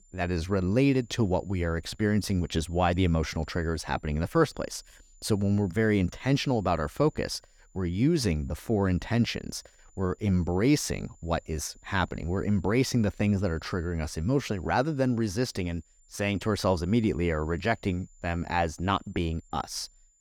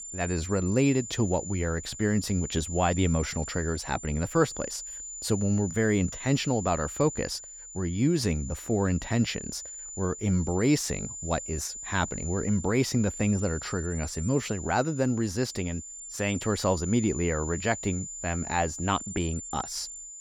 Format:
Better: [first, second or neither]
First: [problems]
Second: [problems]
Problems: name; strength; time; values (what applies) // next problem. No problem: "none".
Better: first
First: high-pitched whine; faint; throughout; 7 kHz, 35 dB below the speech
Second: high-pitched whine; loud; throughout; 7 kHz, 9 dB below the speech